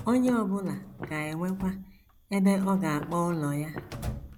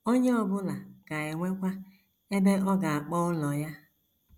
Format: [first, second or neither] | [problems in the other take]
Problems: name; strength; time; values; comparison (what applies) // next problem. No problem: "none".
second | background sound (Drawer open or close + Walk, footsteps); 14 dB below the speech